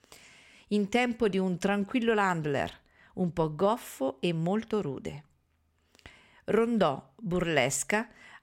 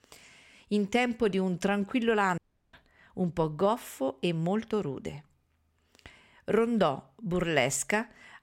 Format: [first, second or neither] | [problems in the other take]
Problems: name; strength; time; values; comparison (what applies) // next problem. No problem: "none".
first | audio cutting out; at 2.5 s